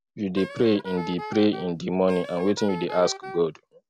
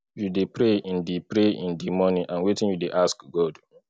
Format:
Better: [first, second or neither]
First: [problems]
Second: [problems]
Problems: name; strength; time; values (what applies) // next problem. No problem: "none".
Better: second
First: background sound (Wind instrument, woodwind instrument); 13 dB below the speech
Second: none